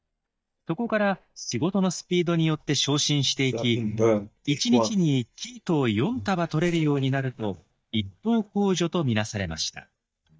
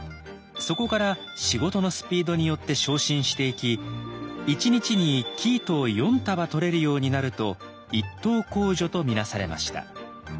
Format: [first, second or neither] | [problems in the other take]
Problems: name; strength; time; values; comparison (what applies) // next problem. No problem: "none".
second | noise reduction (neural mask model DeepFilterNet 3)